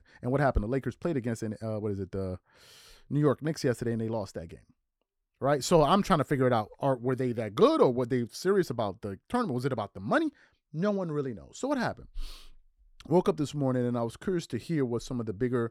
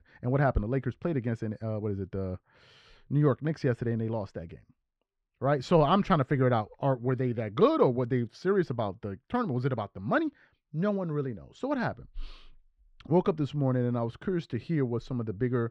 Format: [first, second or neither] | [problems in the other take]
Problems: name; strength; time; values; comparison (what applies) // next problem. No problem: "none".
first | muffled; slightly; fading above 3 kHz